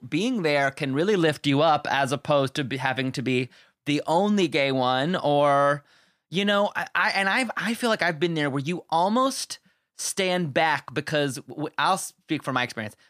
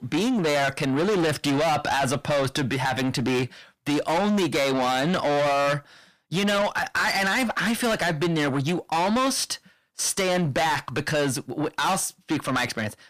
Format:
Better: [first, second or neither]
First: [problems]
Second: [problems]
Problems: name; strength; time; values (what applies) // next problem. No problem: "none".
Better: first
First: none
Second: distortion; heavy; 6 dB below the speech